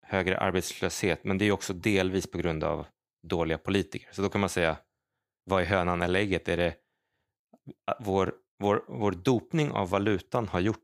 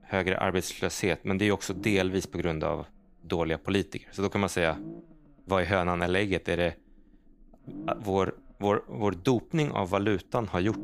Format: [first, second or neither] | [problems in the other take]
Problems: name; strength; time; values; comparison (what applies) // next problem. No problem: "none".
first | low rumble; faint; throughout; 20 dB below the speech